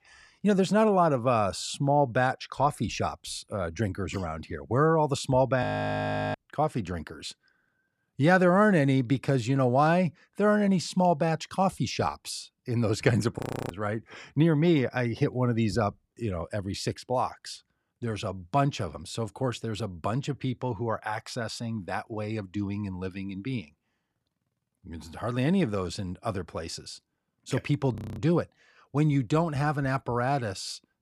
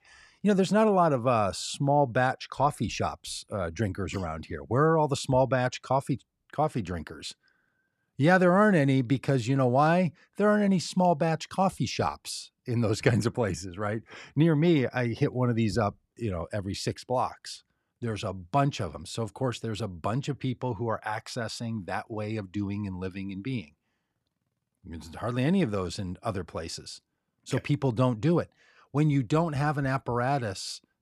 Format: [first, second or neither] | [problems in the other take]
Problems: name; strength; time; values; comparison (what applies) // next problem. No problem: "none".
second | audio freezing; at 5.5 s for 0.5 s, at 13 s and at 28 s